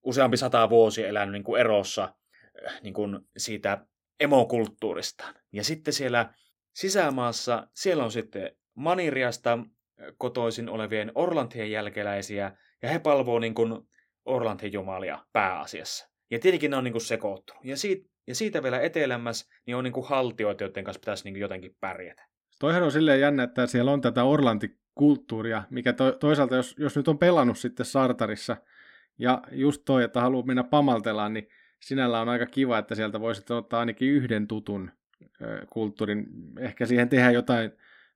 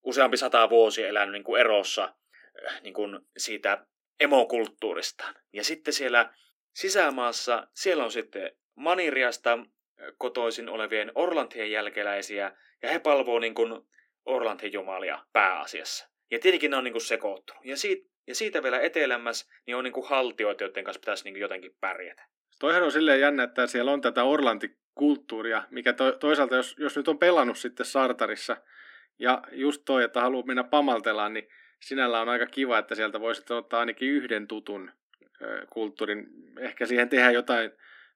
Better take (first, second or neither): first